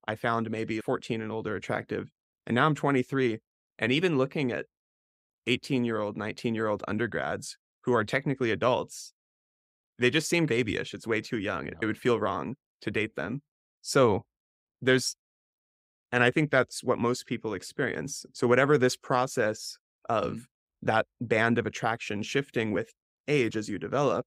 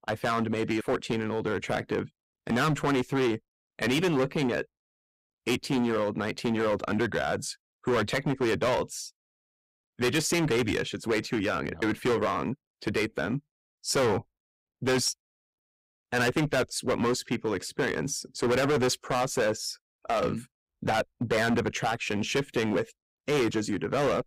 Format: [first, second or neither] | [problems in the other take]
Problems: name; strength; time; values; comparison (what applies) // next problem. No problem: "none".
first | distortion; heavy; 11% of the sound clipped